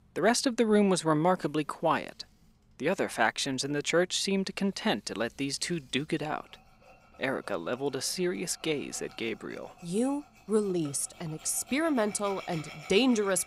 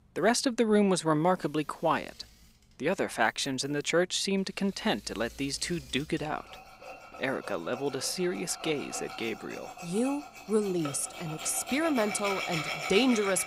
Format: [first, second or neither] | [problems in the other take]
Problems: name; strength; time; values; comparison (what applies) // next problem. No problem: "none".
first | machinery noise; loud; throughout; 10 dB below the speech; faint in the first